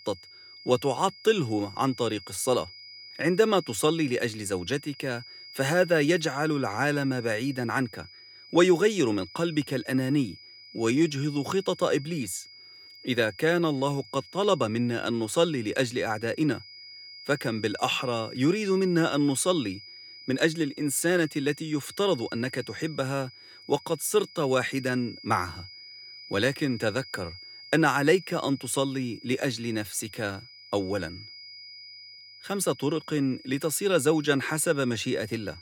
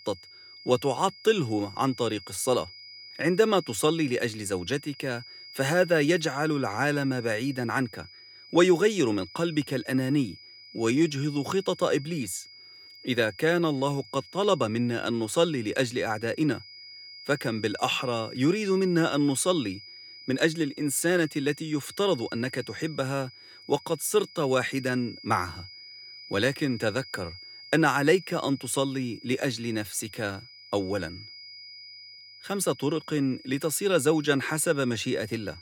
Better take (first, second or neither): neither